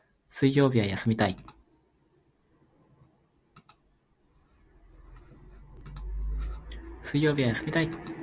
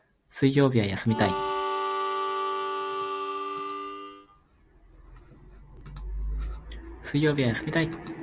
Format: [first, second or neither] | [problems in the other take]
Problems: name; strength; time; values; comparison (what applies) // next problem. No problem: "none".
first | background sound (Harmonica); 1 dB below the speech